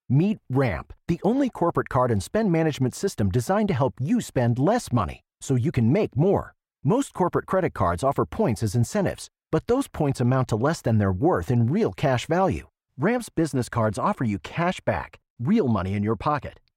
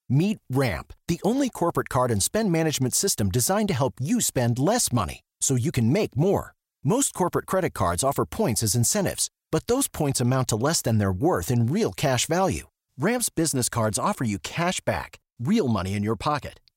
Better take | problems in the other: second | muffled; slightly; fading above 3.5 kHz

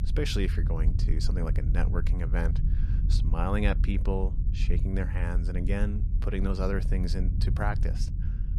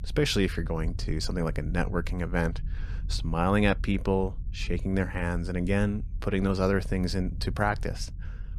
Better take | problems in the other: second | low rumble; loud; throughout; 10 dB below the speech; faint in the second

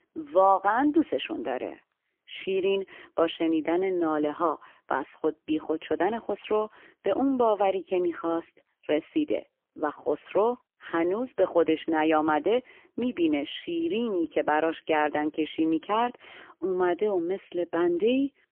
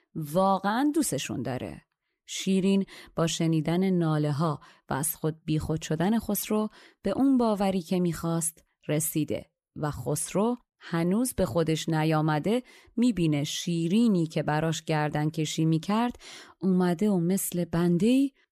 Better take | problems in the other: second | phone-call audio; poor line; nothing above 3.5 kHz

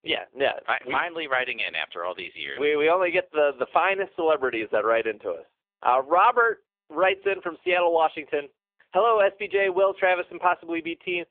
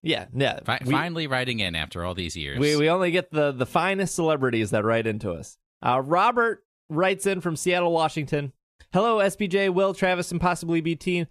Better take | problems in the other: second | phone-call audio; poor line; nothing above 3.5 kHz

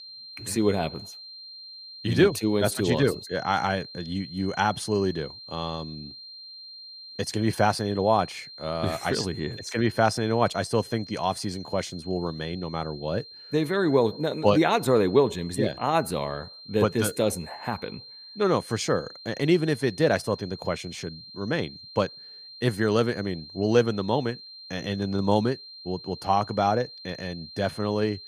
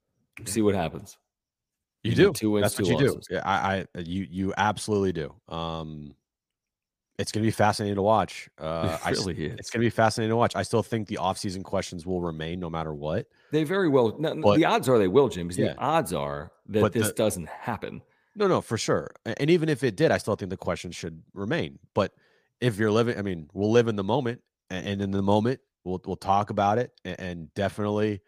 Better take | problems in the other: second | high-pitched whine; noticeable; throughout; 4 kHz, 15 dB below the speech

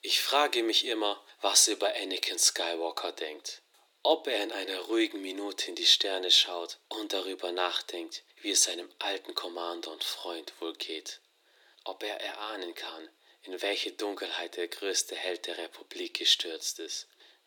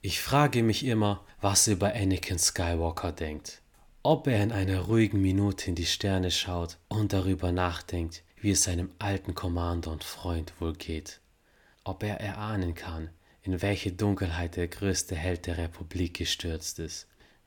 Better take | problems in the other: second | thin; very; fading below 350 Hz

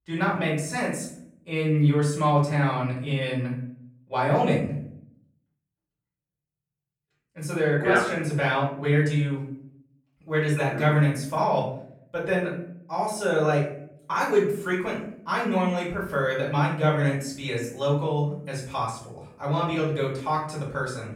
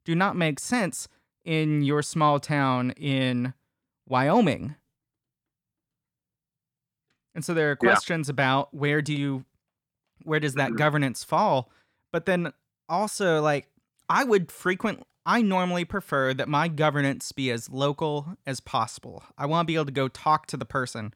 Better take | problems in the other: second | off-mic speech; far // room echo; noticeable; dies away in 0.5 s

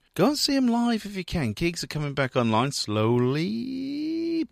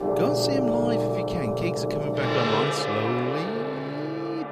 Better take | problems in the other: first | background music; very loud; throughout; 4 dB above the speech

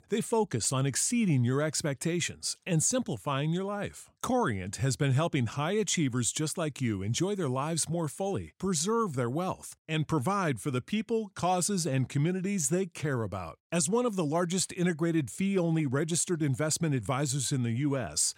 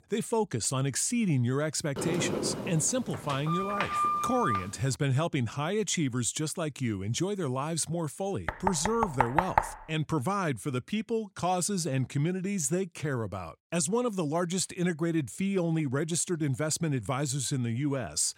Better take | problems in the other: first | door banging; loud; from 2 to 4.5 s and from 8.5 to 9.5 s; peak 2 dB above the speech

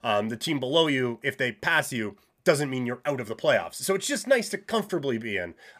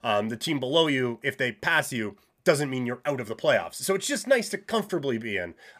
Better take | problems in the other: neither | none

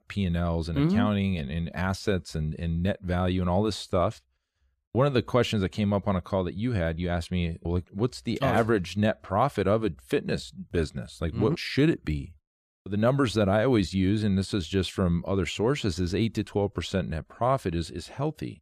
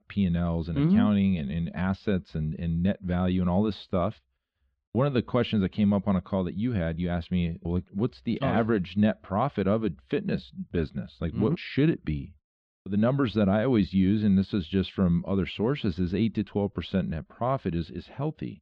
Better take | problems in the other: first | muffled; slightly; fading above 3.5 kHz

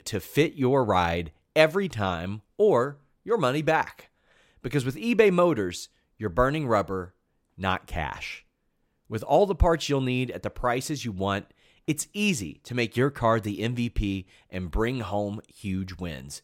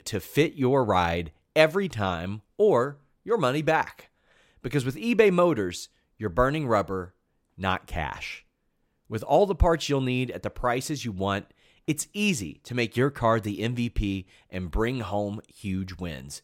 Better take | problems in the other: neither | none

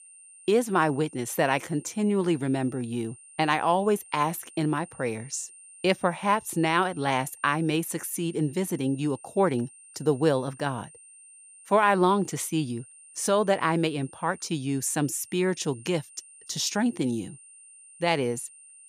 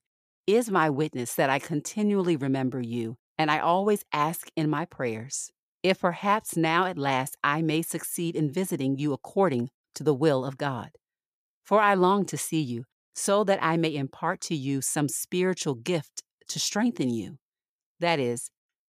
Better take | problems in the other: second | high-pitched whine; faint; throughout; 9 kHz, 20 dB below the speech

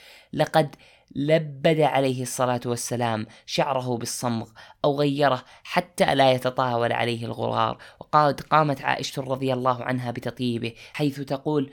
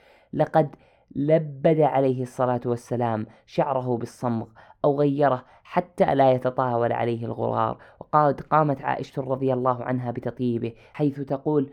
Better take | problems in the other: first | muffled; very; fading above 2 kHz

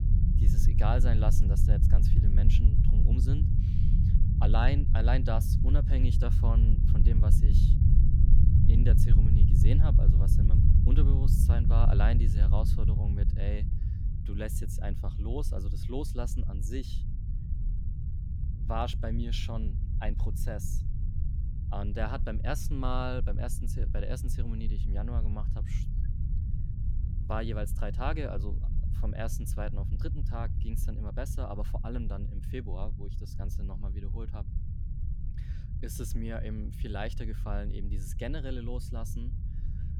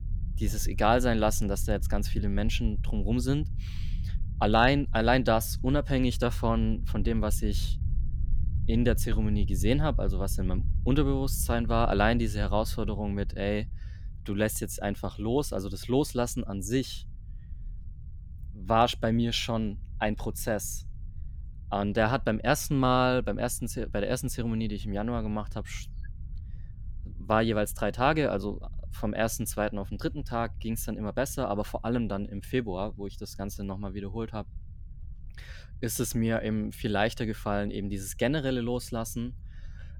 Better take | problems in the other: second | low rumble; loud; throughout; 5 dB below the speech; faint in the second

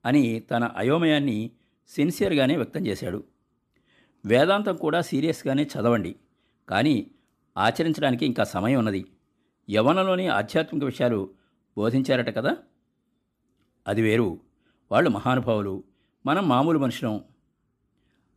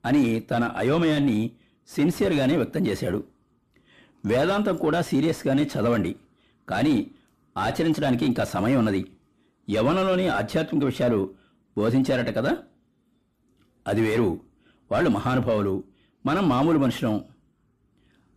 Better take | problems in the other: first | distortion; heavy; 7 dB below the speech

